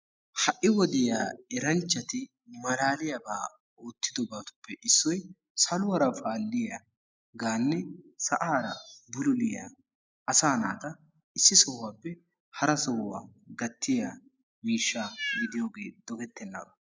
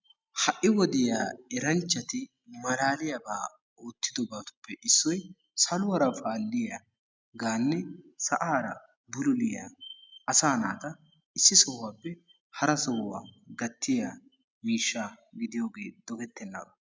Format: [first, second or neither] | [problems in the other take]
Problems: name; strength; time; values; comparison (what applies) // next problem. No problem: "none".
second | noise reduction (neural mask model Resemble Enhance denoiser)